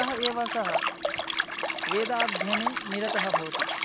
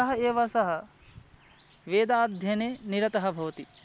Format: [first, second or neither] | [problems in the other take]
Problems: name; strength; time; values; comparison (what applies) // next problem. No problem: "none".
second | background sound (Liquid); 2 dB above the speech